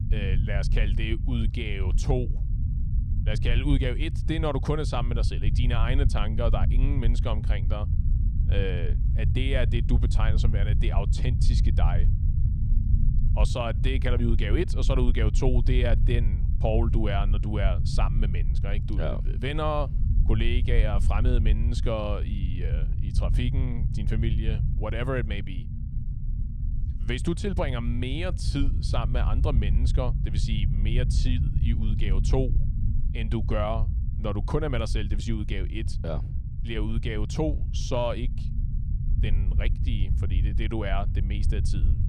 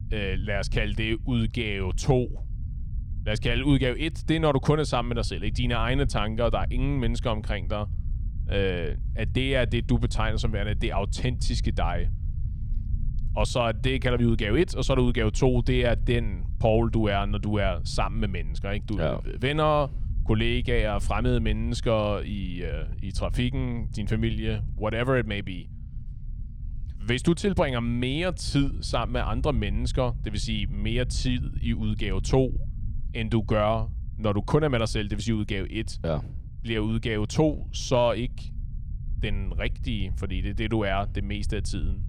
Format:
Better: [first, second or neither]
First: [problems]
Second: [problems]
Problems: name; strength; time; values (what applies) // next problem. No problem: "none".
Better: second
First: low rumble; loud; throughout; 10 dB below the speech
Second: low rumble; faint; throughout; 20 dB below the speech